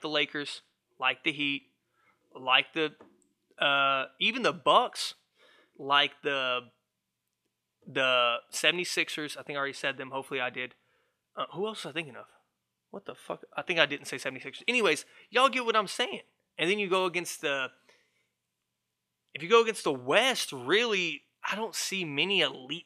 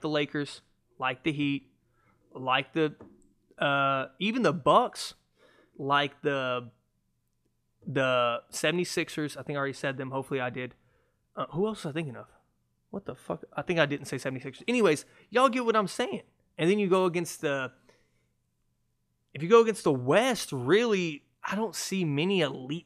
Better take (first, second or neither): second